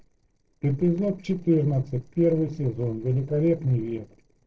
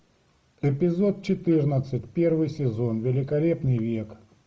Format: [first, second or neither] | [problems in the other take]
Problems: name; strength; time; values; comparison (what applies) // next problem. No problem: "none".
second | noise reduction (neural separator model SepFormer DNS4)